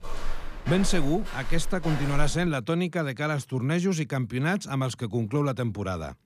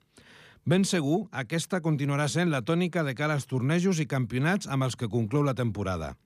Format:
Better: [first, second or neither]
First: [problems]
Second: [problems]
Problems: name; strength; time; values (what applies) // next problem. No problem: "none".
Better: second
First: footsteps; noticeable; until 2.5 s; peak 7 dB below the speech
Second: none